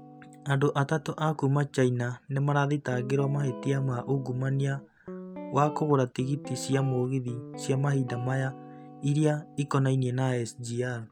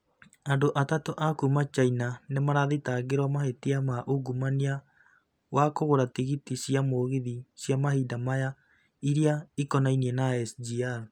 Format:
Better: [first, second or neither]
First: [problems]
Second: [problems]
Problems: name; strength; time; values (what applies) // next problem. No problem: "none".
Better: second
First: background sound (Guitar); 15 dB below the speech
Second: none